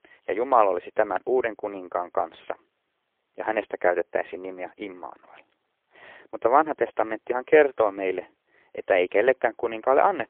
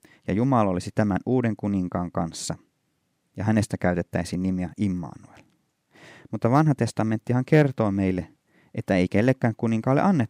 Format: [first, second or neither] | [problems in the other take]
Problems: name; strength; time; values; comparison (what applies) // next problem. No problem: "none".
second | phone-call audio; poor line